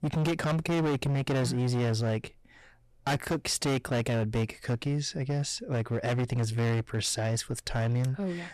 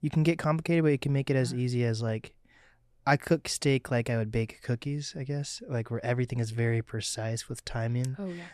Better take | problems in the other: second | distortion; heavy; 21% of the sound clipped

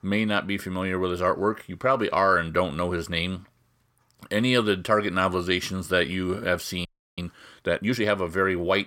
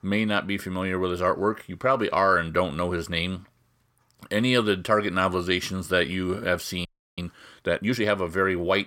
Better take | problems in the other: neither | audio freezing; at 7 s; the same in both

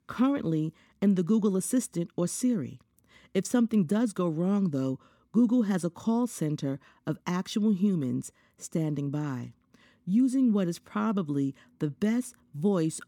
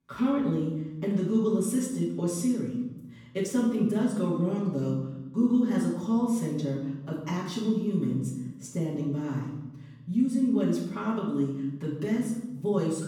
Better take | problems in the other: first | off-mic speech; far // room echo; noticeable; dies away in 0.9 s

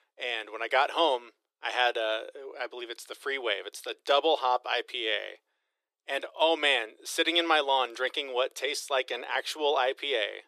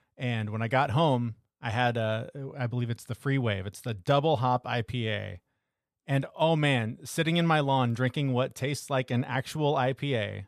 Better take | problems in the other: second | thin; very; fading below 350 Hz

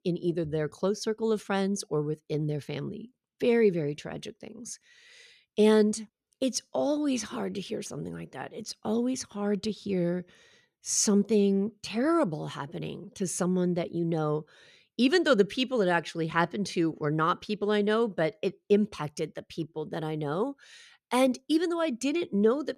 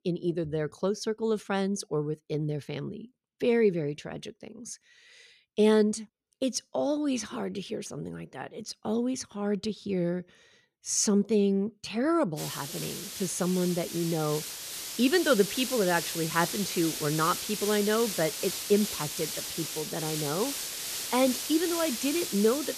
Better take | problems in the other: first | hiss; loud; from 12 s on; 4 dB below the speech

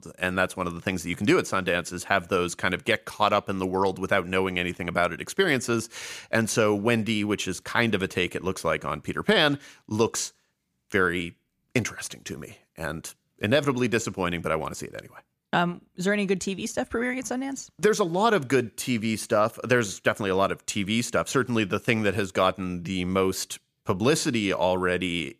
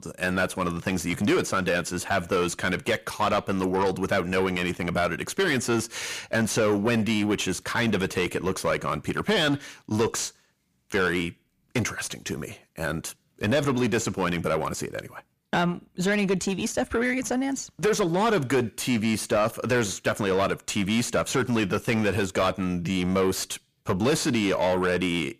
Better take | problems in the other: first | distortion; heavy; 8 dB below the speech

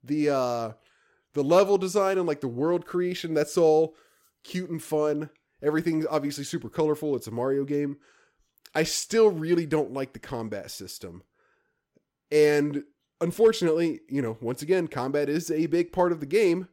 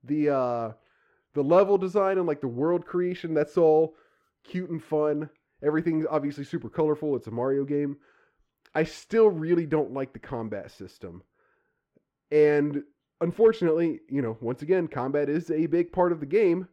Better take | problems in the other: first | muffled; very; fading above 4 kHz

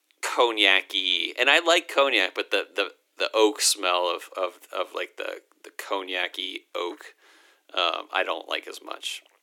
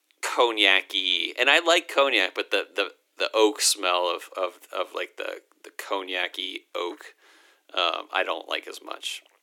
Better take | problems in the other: neither | thin; very; fading below 300 Hz; the same in both

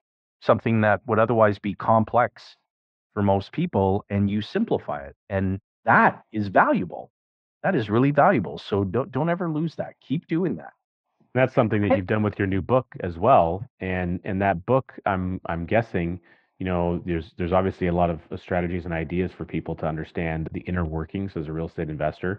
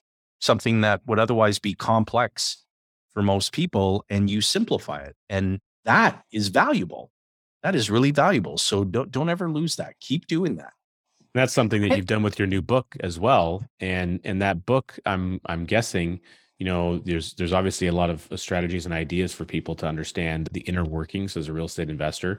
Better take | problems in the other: second | muffled; very; fading above 2 kHz

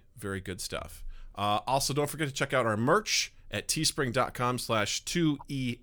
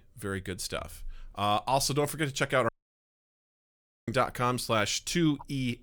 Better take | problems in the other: first | audio cutting out; at 2.5 s for 1.5 s

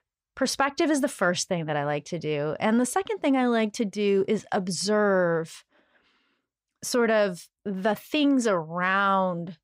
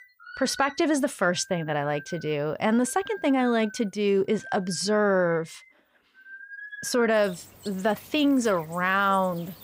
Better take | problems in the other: first | animal sounds; noticeable; throughout; 20 dB below the speech

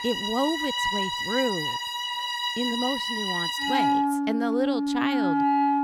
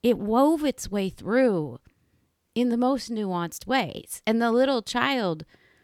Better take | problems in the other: second | background music; very loud; throughout; 4 dB above the speech

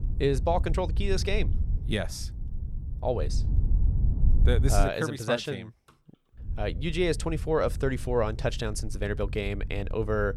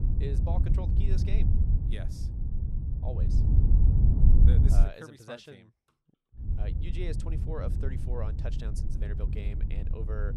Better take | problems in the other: first | wind noise on the microphone; heavy; until 5 s and from 6.5 s on; as loud as the speech; occasional gusts in the first

